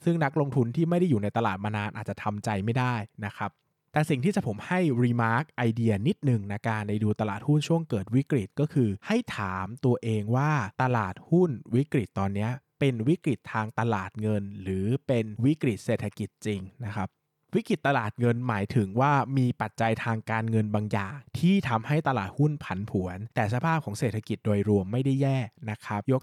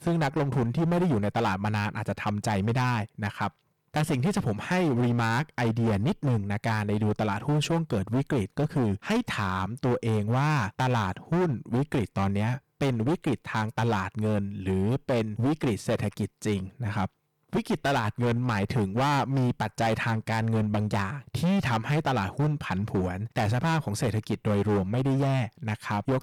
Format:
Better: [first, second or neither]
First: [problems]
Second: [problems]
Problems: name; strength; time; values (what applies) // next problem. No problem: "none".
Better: first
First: none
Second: distortion; heavy; 18% of the sound clipped